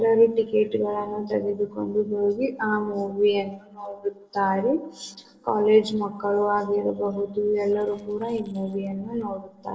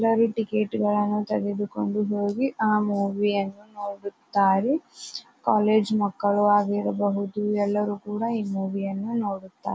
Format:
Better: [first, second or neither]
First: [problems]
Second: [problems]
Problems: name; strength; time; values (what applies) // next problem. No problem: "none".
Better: second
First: noise reduction (neural separator model SepFormer DNS4)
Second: none